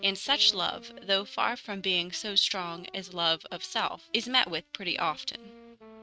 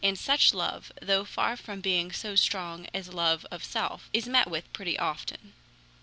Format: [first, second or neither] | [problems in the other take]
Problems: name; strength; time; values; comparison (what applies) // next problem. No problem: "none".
second | noise reduction (neural mask model RNNoise)